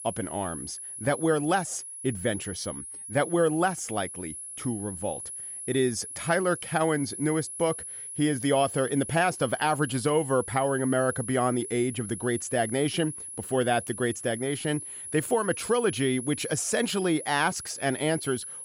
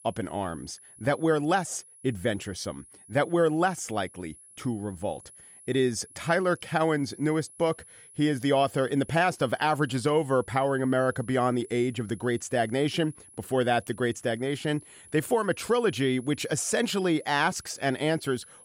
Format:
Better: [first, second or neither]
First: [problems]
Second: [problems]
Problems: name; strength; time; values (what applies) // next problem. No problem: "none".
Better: second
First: high-pitched whine; loud; throughout; 10.5 kHz, 9 dB below the speech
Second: high-pitched whine; faint; throughout; 10.5 kHz, 20 dB below the speech